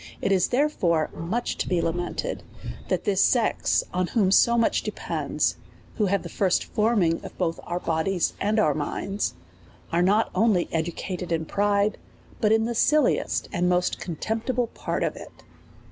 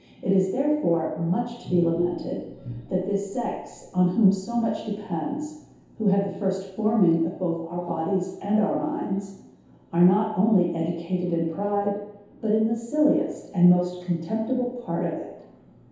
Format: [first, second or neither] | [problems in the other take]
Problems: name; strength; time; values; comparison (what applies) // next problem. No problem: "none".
first | room echo; dies away in 0.8 s